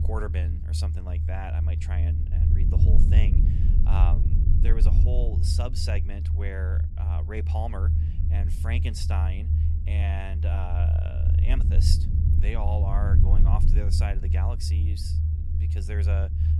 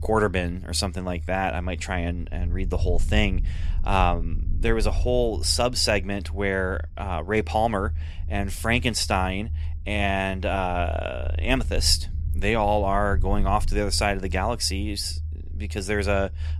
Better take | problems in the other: second | low rumble; loud; throughout; 3 dB below the speech; faint in the second

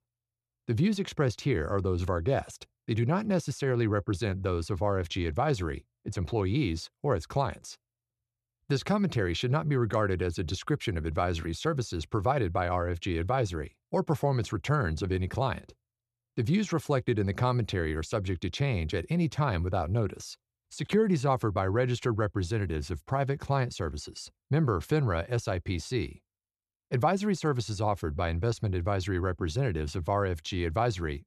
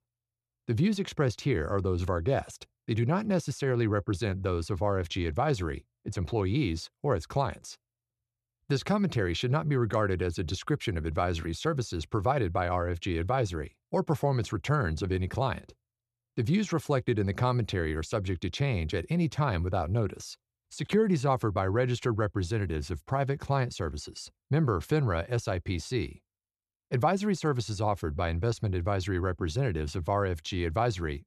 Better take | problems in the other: neither | none

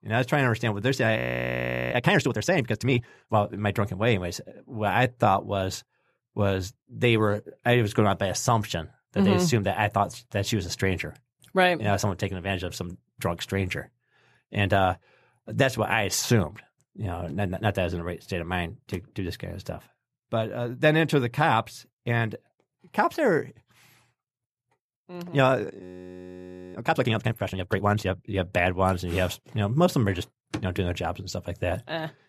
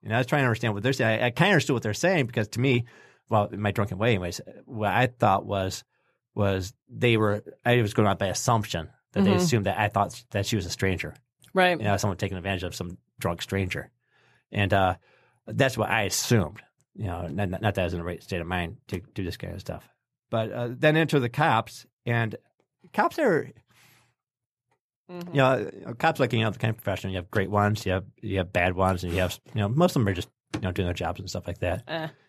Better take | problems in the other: second | audio freezing; at 1 s for 0.5 s and at 26 s for 1 s

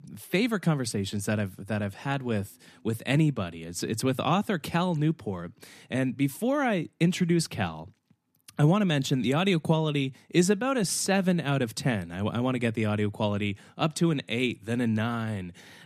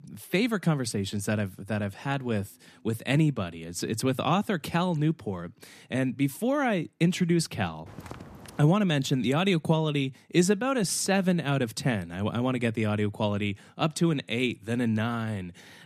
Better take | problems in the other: first | footsteps; faint; at 8 s; peak 15 dB below the speech

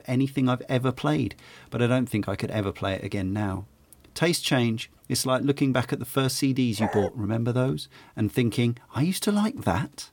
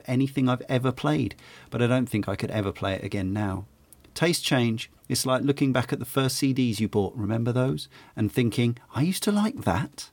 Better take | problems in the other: second | dog barking; noticeable; at 7 s; peak 5 dB below the speech

